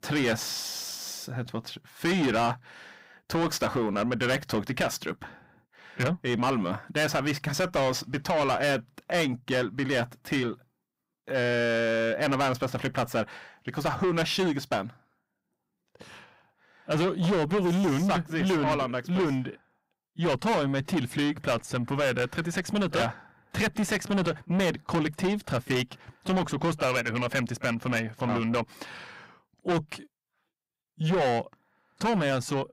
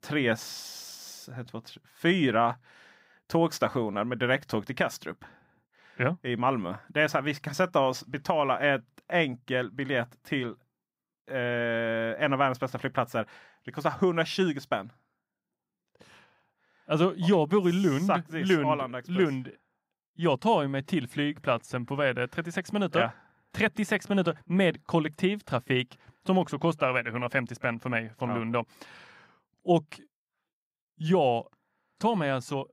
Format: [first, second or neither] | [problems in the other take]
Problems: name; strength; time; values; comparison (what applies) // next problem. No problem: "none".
second | distortion; heavy; 6 dB below the speech